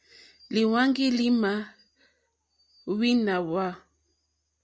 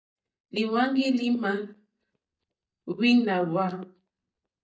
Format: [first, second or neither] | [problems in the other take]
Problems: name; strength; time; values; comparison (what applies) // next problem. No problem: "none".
first | noise reduction (neural mask model DeepFilterNet 3)